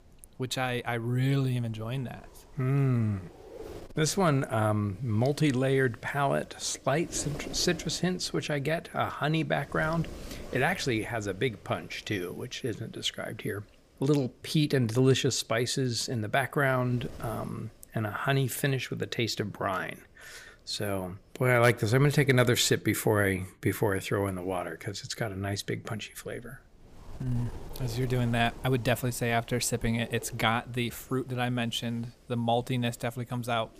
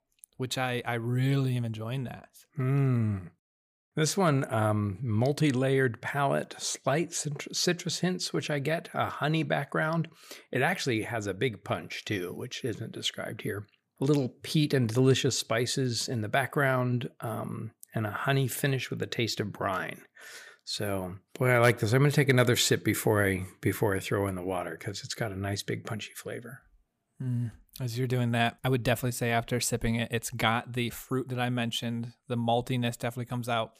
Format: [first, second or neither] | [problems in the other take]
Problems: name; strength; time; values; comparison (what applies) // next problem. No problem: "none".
second | wind noise on the microphone; occasional gusts; 20 dB below the speech